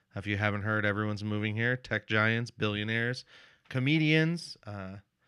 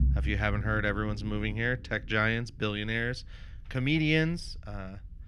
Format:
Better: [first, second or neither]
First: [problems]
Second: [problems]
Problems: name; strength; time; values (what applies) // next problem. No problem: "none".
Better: first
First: none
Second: low rumble; faint; throughout; 20 dB below the speech